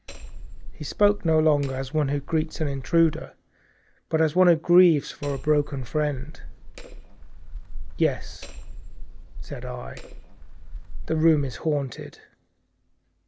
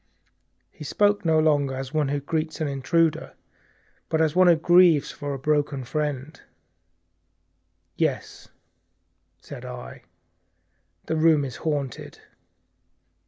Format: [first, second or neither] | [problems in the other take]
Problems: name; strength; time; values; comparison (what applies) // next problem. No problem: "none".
second | background sound (Hammer); 6 dB below the speech